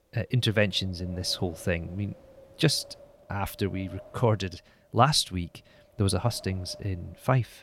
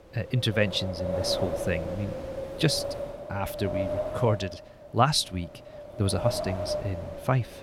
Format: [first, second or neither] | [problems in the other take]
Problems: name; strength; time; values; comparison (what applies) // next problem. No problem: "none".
first | wind noise on the microphone; heavy; 3 dB below the speech; occasional gusts in the first